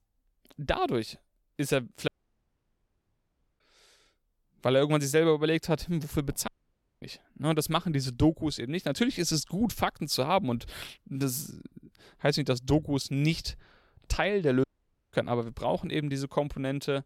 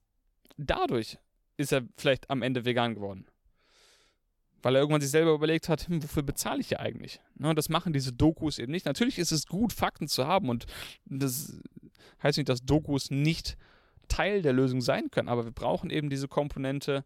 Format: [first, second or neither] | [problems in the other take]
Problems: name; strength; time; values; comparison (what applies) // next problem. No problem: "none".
second | audio cutting out; at 2 s for 1.5 s, at 6.5 s for 0.5 s and at 15 s